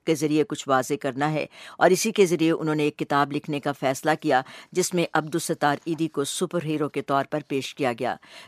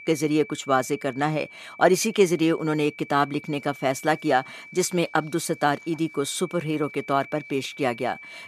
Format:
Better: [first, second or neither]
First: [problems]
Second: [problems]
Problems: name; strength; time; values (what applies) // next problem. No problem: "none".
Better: first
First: none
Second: high-pitched whine; noticeable; throughout; 2.5 kHz, 20 dB below the speech